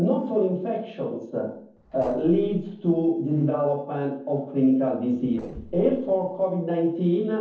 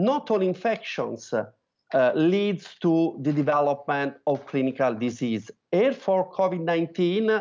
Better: second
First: noise reduction (neural separator model SepFormer DNS4)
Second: none

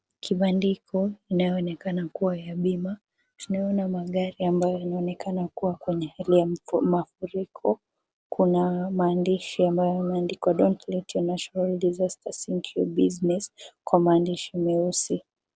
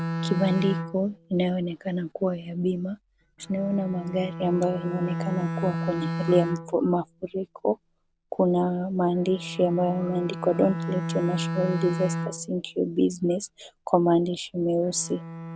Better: first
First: none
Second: background sound (Bowed string instrument); 7 dB below the speech

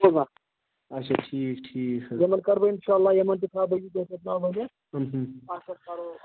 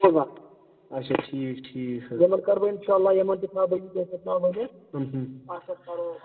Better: first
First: none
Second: room echo; dies away in 0.8 s

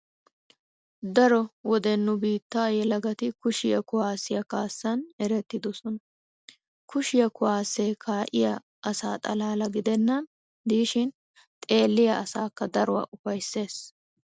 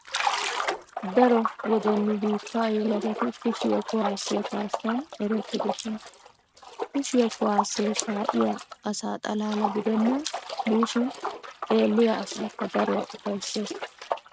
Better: first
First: none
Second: noise reduction (neural mask model RNNoise)

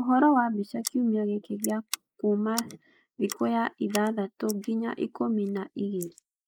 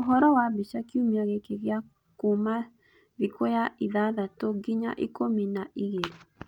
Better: second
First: noise reduction (neural mask model Resemble Enhance denoiser)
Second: none

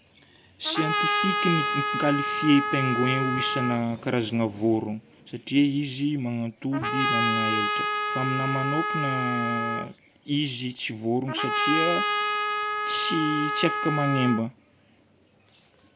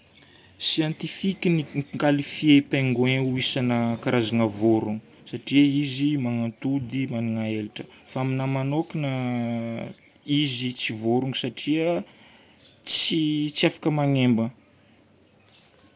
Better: second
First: background sound (Trumpet); as loud as the speech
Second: none

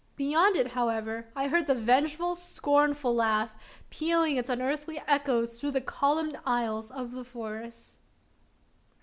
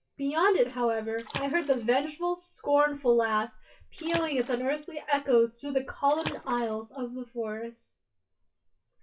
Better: first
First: none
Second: noise reduction (classical method WPE with log-MMSE)

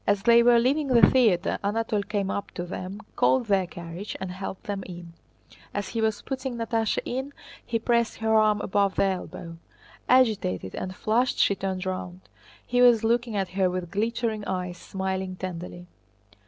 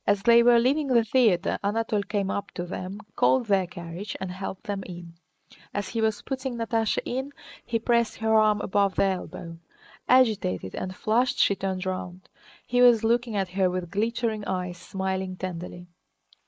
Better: first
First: none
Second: noise reduction (neural mask model Resemble Enhance denoiser)

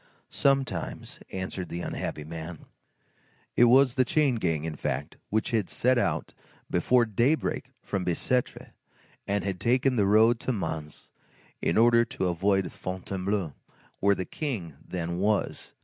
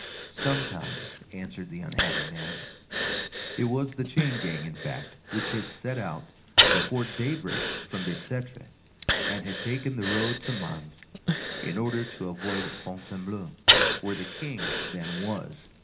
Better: first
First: none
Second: background sound (Breathing); 2 dB above the speech // room echo; dies away in 0.4 s

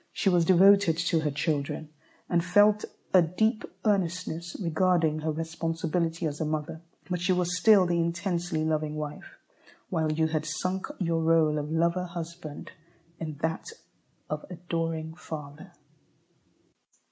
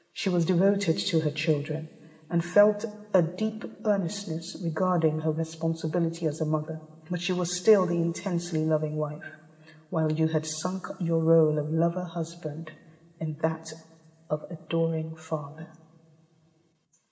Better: first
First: none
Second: room echo; dies away in 2.2 s

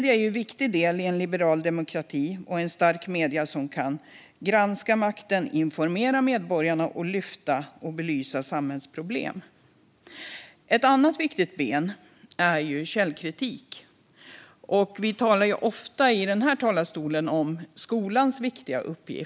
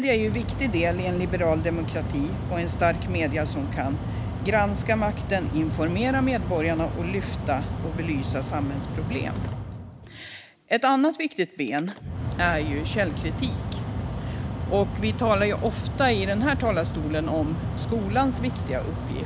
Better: first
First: none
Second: background sound (Mechanical fan); 3 dB below the speech

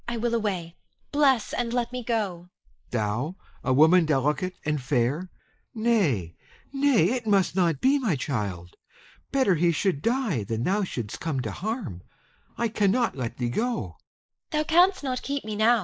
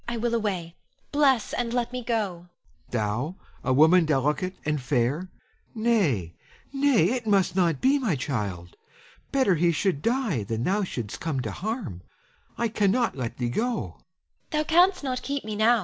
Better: second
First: noise reduction (neural mask model Resemble Enhance denoiser)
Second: none

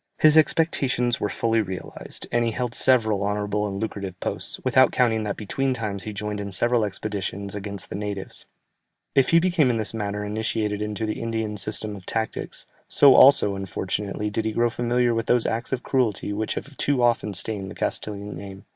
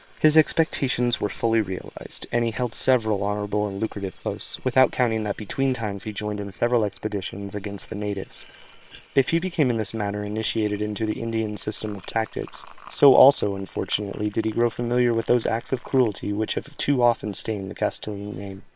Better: first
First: none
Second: noise reduction (neural separator model SepFormer WHAM!)

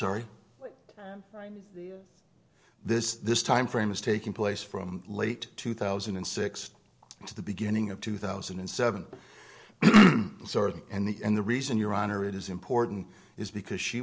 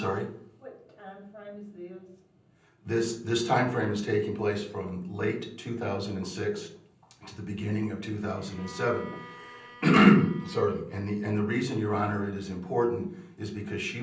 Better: first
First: none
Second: background sound (Bowed string instrument); 19 dB below the speech // room echo; dies away in 0.6 s

